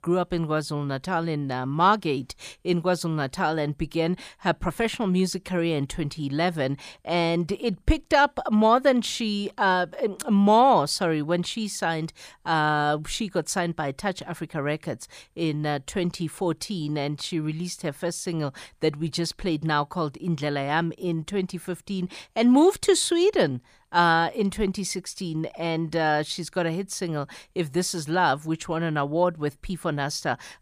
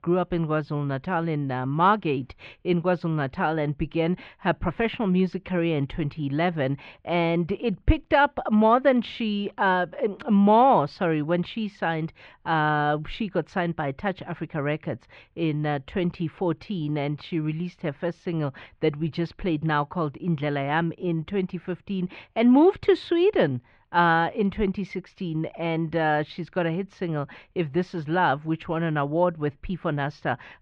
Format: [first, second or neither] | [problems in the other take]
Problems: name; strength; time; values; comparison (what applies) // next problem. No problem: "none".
first | muffled; very; fading above 3 kHz